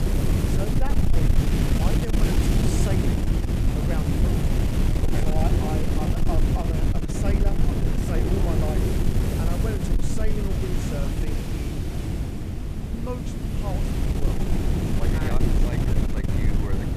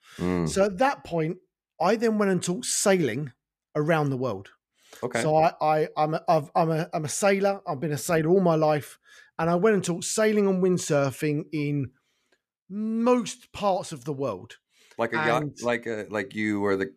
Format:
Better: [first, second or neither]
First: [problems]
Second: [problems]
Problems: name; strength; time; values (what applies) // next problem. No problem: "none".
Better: second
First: wind noise on the microphone; heavy; 4 dB above the speech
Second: none